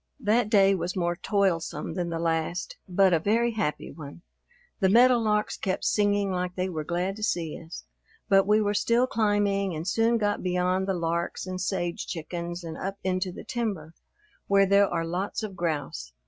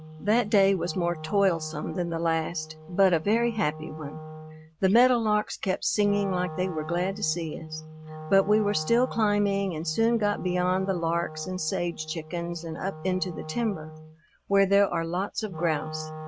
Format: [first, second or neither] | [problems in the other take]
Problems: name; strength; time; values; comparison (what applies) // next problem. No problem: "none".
first | background sound (Wind instrument, woodwind instrument); 13 dB below the speech